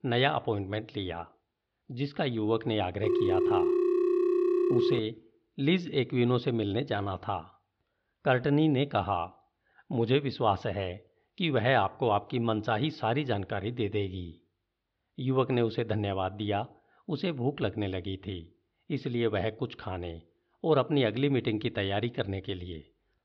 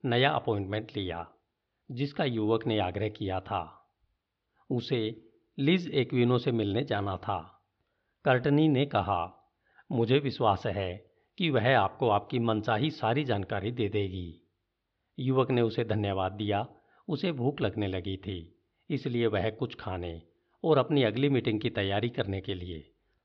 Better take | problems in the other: second | phone ringing; loud; from 3 to 5 s; peak 4 dB above the speech

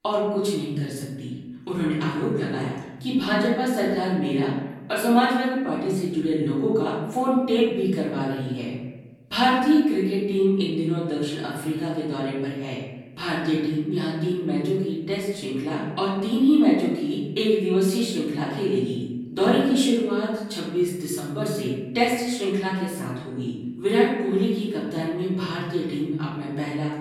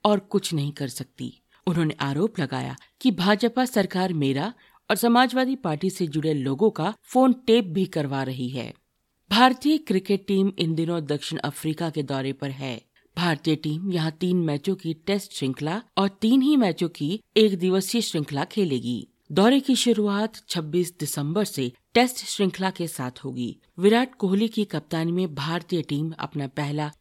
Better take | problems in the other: second | off-mic speech; far // room echo; noticeable; dies away in 1 s

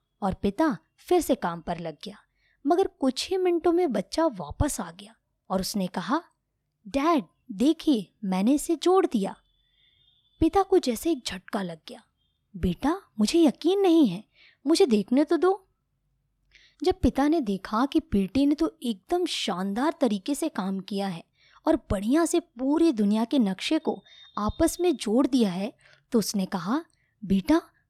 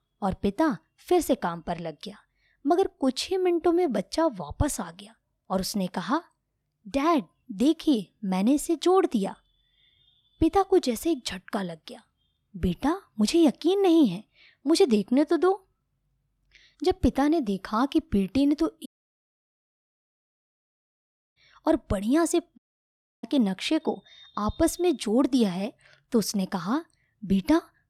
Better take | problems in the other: first | audio cutting out; at 19 s for 2.5 s and at 23 s for 0.5 s

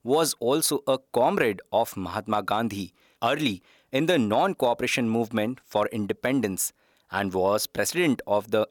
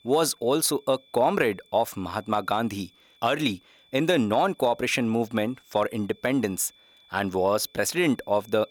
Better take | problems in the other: first | high-pitched whine; faint; throughout; 3.5 kHz, 30 dB below the speech

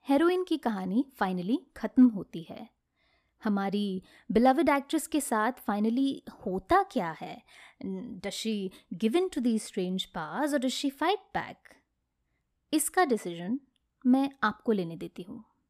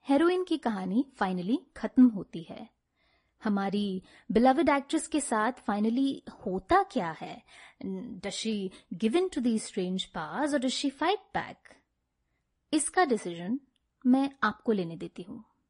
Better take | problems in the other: first | garbled, watery; slightly; nothing above 10.5 kHz

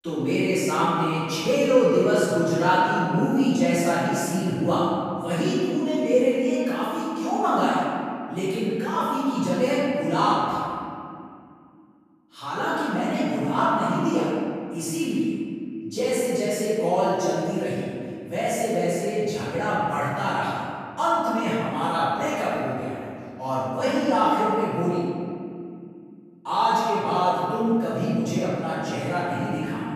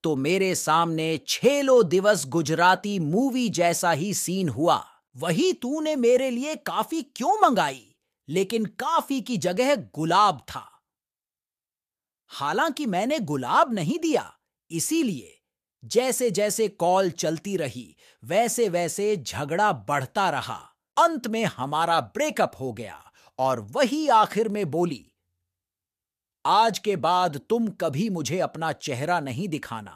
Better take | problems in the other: second | off-mic speech; far // room echo; strong; dies away in 2.3 s

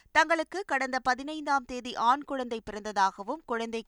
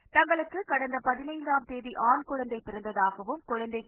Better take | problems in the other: first | garbled, watery; badly; nothing above 3 kHz

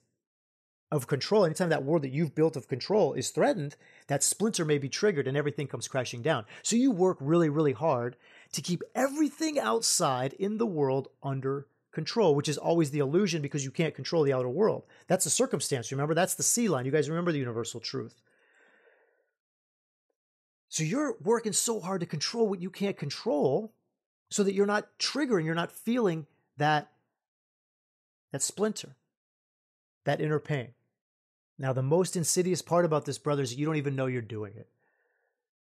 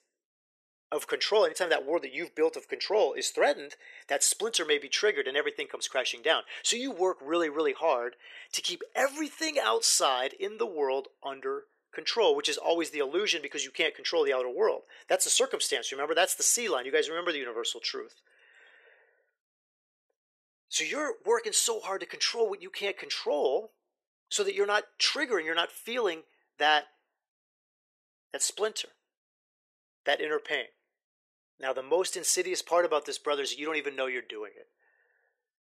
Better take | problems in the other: first | thin; very; fading below 400 Hz

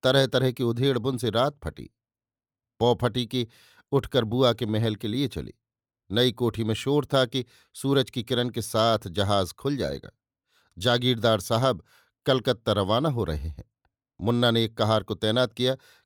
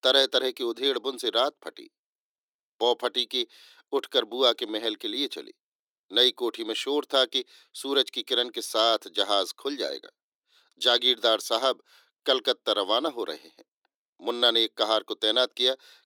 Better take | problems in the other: first | thin; somewhat; fading below 300 Hz

